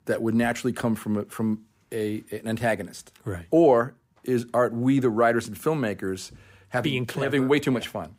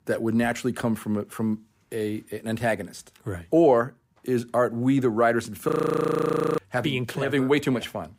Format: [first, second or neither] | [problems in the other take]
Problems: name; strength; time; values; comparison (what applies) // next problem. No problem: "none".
first | audio freezing; at 5.5 s for 1 s